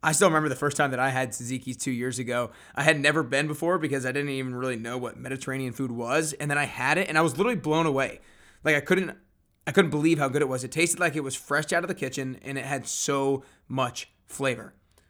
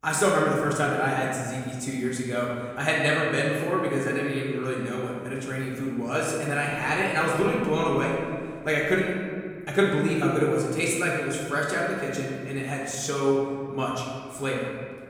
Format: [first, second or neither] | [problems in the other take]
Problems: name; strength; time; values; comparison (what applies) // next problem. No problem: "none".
first | room echo; noticeable; dies away in 1.8 s // off-mic speech; far